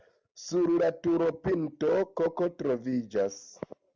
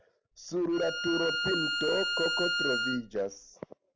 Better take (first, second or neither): first